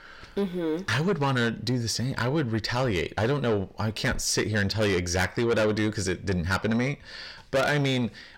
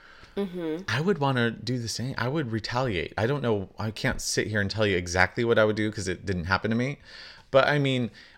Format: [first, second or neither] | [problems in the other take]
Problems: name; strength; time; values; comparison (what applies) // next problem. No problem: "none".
second | distortion; heavy; 7 dB below the speech